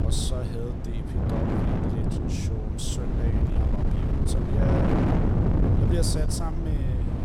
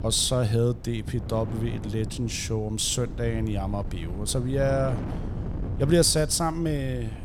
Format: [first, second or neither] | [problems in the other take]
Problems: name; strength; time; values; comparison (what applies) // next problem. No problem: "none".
second | wind noise on the microphone; heavy; 4 dB above the speech; occasional gusts in the second